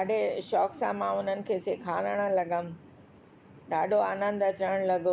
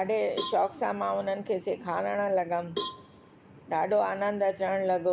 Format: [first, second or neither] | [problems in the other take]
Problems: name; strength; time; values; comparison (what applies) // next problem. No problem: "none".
first | background sound (Cowbell); 13 dB below the speech